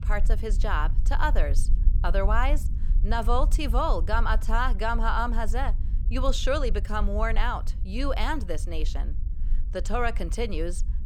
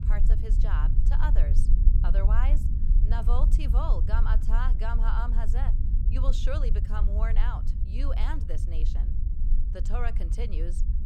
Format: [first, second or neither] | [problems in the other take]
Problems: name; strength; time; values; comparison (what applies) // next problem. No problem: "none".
first | low rumble; loud; throughout; 8 dB below the speech; faint in the first